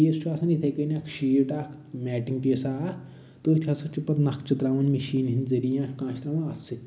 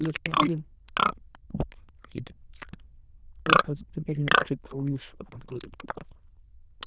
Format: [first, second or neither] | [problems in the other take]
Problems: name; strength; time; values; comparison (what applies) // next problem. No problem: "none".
first | noise reduction (neural diffusion model UNIVERSE++)